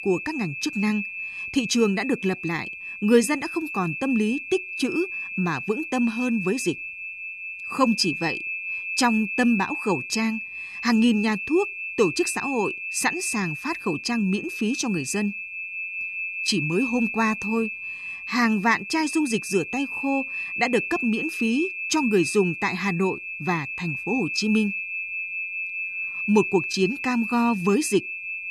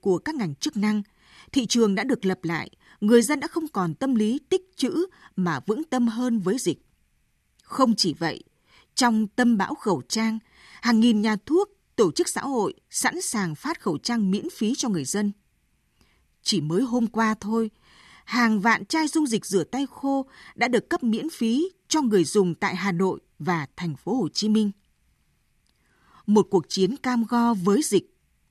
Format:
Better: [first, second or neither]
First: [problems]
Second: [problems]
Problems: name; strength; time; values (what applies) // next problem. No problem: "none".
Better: second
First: high-pitched whine; loud; throughout; 2.5 kHz, 5 dB below the speech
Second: none